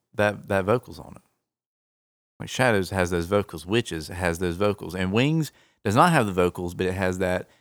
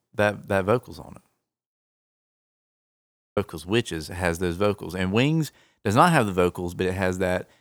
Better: first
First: none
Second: audio cutting out; at 2 s for 1.5 s

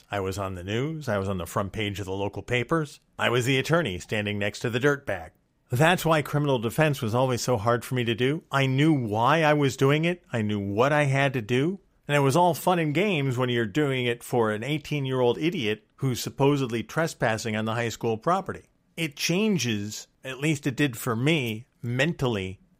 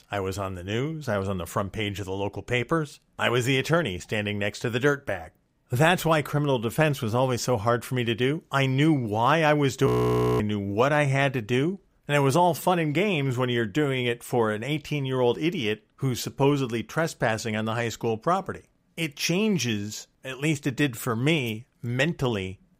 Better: first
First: none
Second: audio freezing; at 10 s for 0.5 s

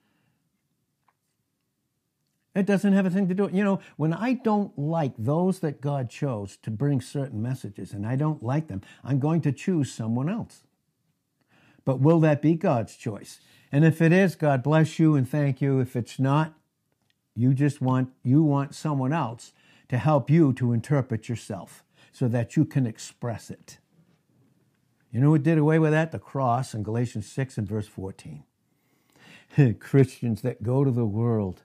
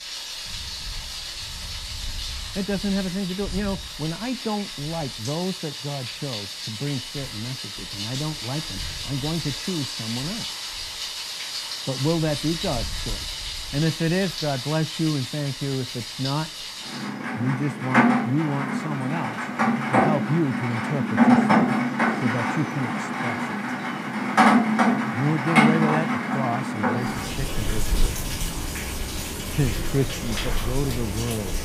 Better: first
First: none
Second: rain or running water; very loud; throughout; 3 dB above the speech

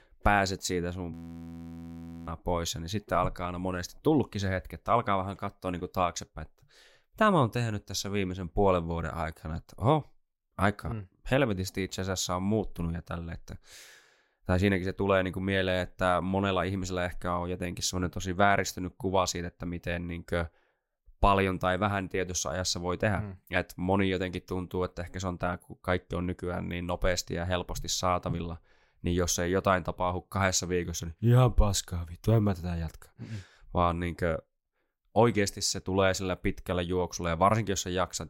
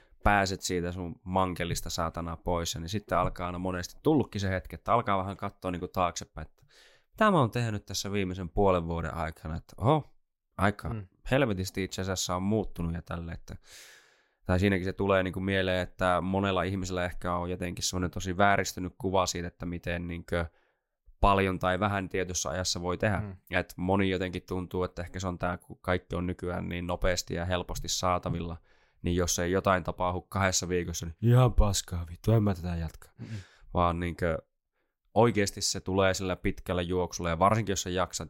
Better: second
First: audio freezing; at 1 s for 1 s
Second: none

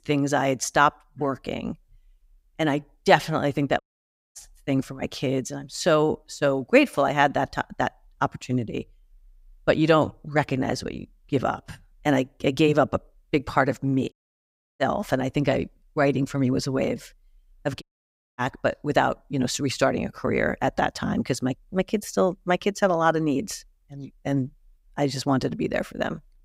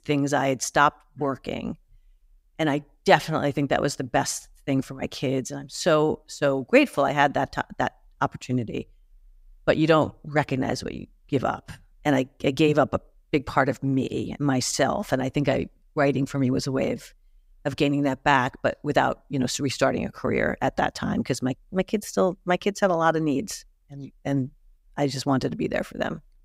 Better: second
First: audio cutting out; at 4 s for 0.5 s, at 14 s for 0.5 s and at 18 s for 0.5 s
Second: none

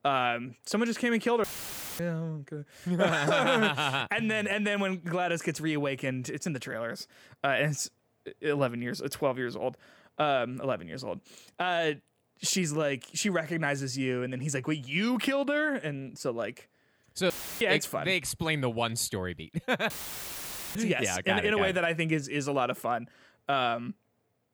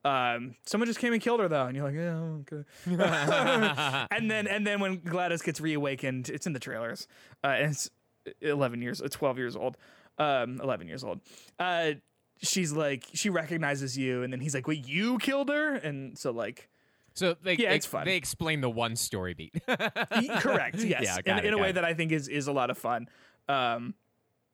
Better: second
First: audio cutting out; filled with static; at 1.5 s for 0.5 s, at 17 s and at 20 s for 1 s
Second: none

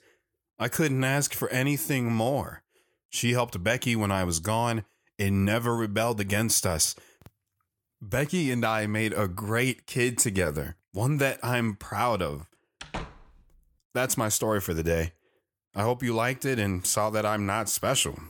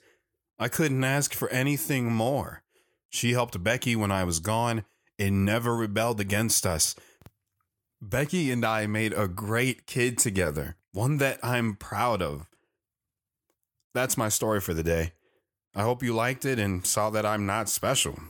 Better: second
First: door banging; faint; at 13 s; peak 10 dB below the speech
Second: none

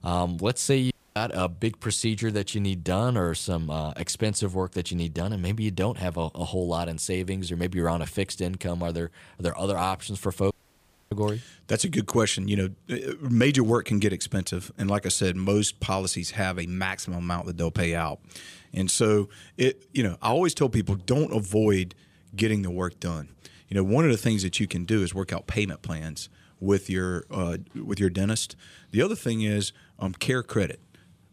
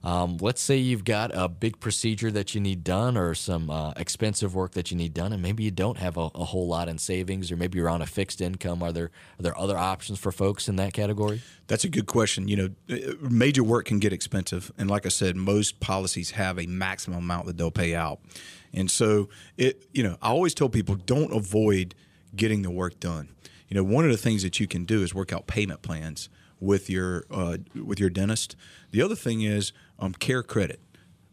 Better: second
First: audio cutting out; at 1 s and at 11 s for 0.5 s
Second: none

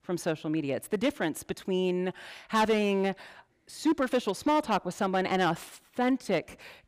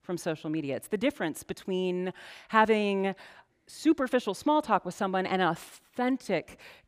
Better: second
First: distortion; slight; 4% of the sound clipped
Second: none

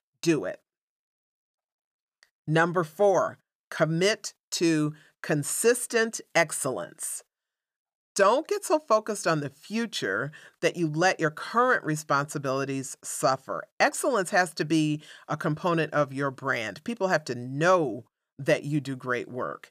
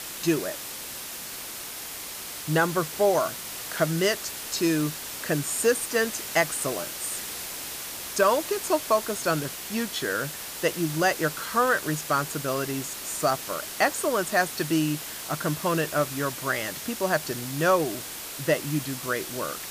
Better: first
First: none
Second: hiss; loud; throughout; 7 dB below the speech

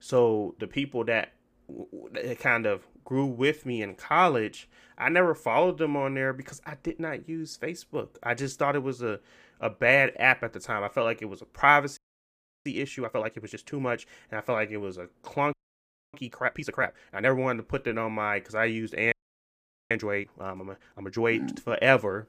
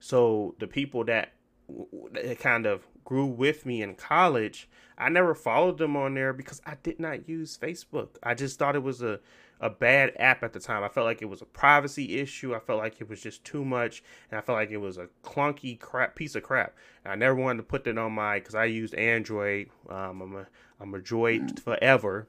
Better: second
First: audio freezing; at 12 s for 0.5 s, at 16 s for 0.5 s and at 19 s for 1 s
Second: none

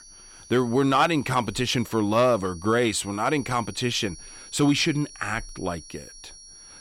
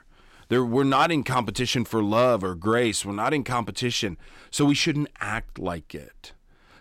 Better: second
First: high-pitched whine; noticeable; throughout; 5.5 kHz, 20 dB below the speech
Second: none

